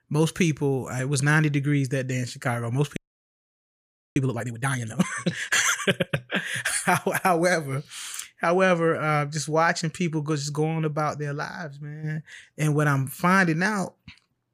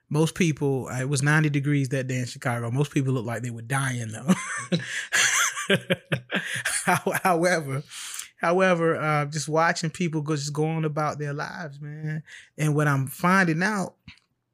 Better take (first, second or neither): second